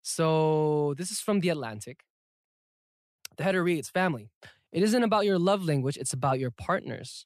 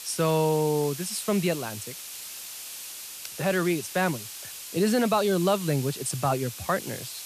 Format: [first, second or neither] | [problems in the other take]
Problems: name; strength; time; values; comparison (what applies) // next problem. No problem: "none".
first | hiss; noticeable; throughout; 10 dB below the speech